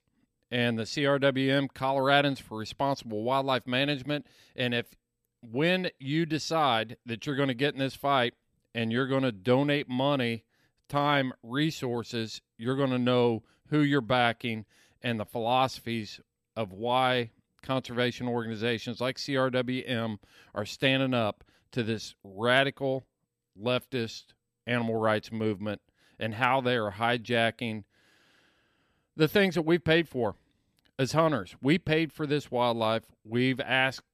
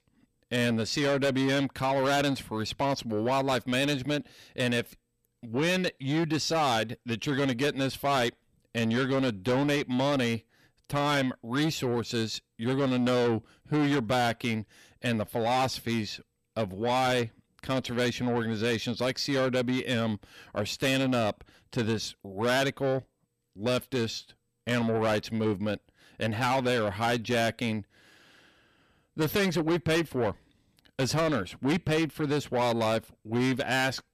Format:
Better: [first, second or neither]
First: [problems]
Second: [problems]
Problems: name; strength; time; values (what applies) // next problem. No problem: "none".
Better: first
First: none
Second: distortion; heavy; 7 dB below the speech